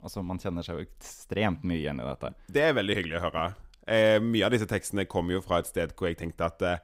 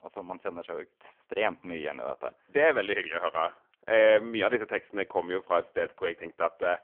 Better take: first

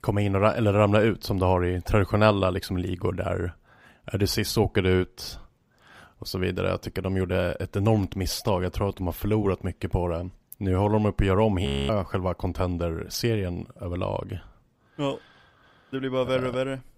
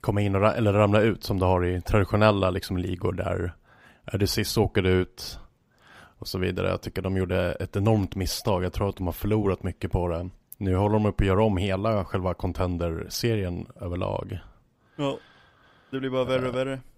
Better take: second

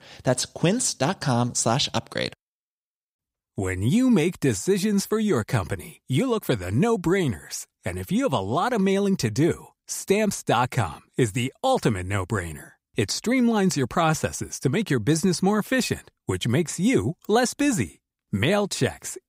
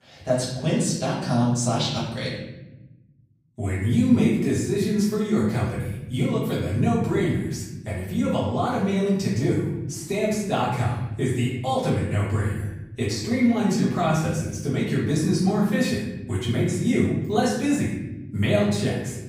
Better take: first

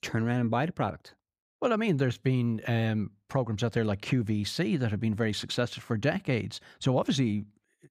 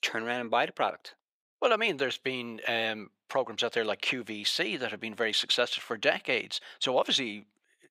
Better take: first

